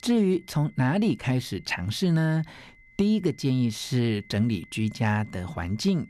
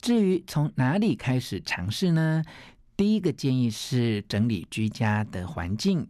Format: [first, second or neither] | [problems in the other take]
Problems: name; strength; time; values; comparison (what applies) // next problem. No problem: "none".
second | high-pitched whine; faint; throughout; 2 kHz, 25 dB below the speech